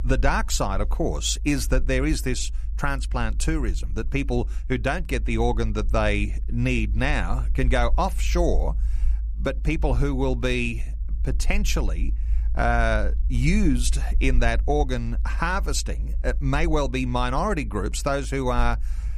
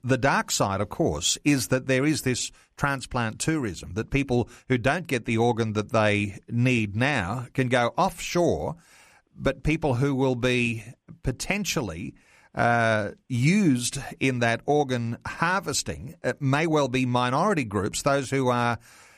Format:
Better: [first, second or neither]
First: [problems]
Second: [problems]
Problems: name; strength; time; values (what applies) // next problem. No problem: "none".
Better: second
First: low rumble; faint; throughout; 25 dB below the speech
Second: none